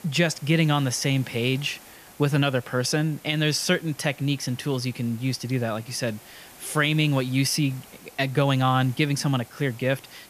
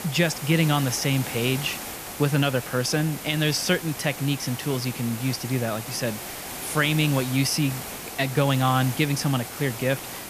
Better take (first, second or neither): first